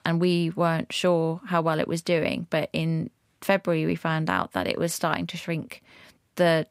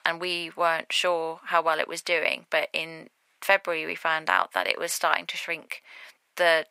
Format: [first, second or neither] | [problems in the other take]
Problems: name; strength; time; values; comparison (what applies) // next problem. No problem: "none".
first | thin; very; fading below 750 Hz